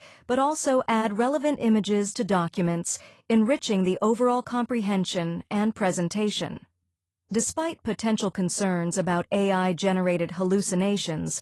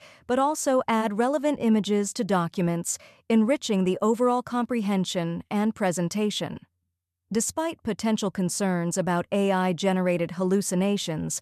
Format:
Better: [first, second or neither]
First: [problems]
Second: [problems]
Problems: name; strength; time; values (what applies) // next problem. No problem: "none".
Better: second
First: garbled, watery; slightly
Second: none